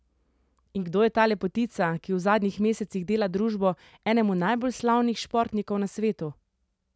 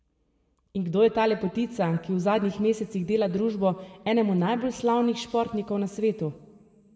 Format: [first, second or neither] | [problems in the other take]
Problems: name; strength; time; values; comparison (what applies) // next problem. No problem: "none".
first | room echo; dies away in 1.4 s